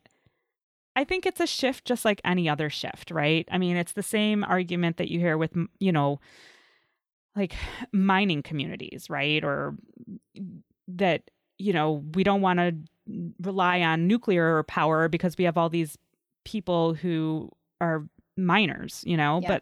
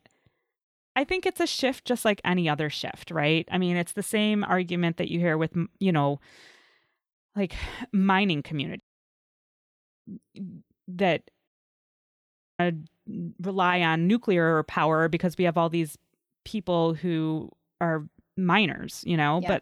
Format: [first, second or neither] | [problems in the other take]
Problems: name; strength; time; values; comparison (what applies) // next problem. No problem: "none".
first | audio cutting out; at 9 s for 1.5 s and at 11 s for 1 s